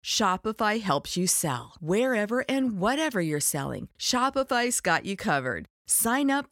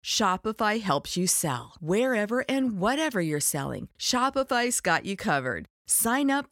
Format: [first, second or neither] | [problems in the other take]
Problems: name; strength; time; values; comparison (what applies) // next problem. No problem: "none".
neither | none